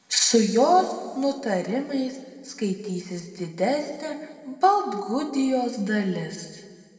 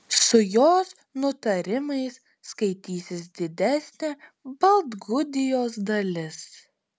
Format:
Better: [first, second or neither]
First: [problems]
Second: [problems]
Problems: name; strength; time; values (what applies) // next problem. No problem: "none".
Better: second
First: room echo; dies away in 1.7 s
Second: none